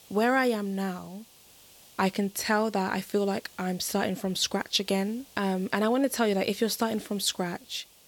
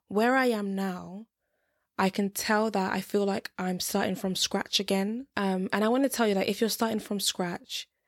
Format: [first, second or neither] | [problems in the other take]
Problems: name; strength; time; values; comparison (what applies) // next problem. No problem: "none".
second | hiss; faint; throughout; 25 dB below the speech